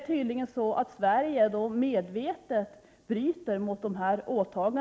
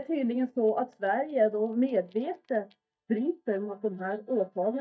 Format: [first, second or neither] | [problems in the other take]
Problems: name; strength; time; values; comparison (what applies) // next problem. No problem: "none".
first | noise reduction (neural mask model DeepFilterNet 3)